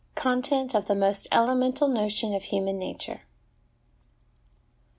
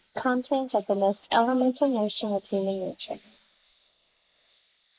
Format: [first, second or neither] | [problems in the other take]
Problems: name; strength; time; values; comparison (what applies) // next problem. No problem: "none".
first | noise reduction (neural mask model Resemble Enhance denoiser)